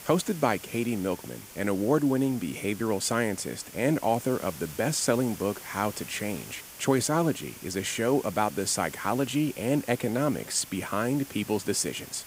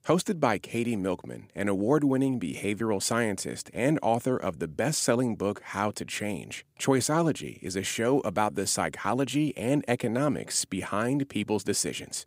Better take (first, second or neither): second